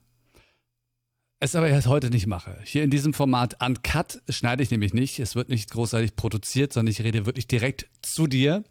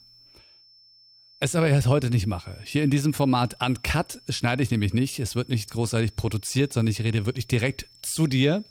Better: first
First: none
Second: high-pitched whine; faint; throughout; 5.5 kHz, 25 dB below the speech

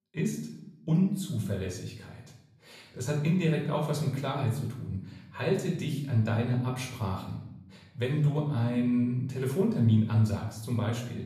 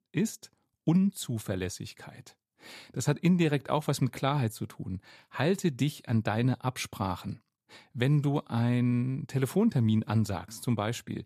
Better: second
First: off-mic speech; far // room echo; noticeable; dies away in 0.7 s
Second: none

